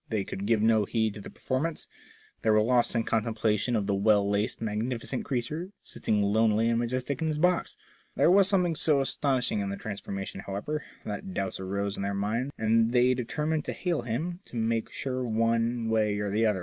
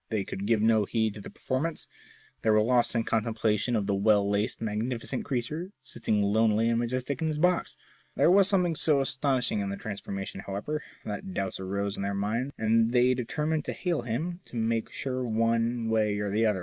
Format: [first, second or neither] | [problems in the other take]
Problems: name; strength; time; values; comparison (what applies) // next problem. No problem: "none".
first | noise reduction (neural mask model Resemble Enhance denoiser)